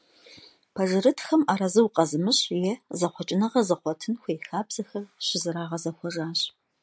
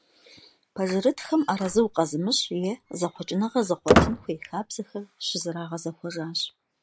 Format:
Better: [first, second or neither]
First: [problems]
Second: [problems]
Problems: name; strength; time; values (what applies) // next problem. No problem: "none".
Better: first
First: none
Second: background sound (Squeak); 1 dB below the speech